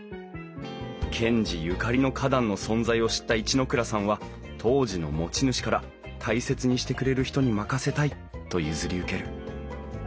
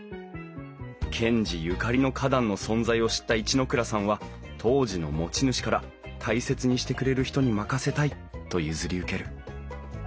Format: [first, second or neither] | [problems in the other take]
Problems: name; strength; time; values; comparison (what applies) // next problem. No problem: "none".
second | background sound (Guitar); 17 dB below the speech